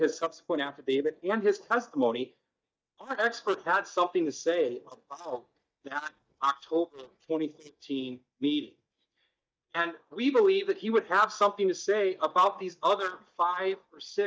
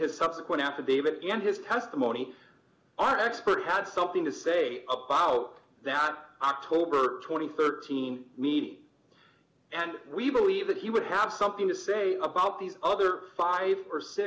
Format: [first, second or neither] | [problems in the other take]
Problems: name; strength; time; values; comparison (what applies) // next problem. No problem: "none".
second | noise reduction (neural mask model DeepFilterNet 3)